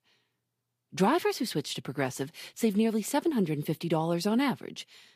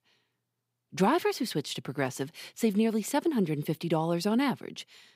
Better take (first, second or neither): second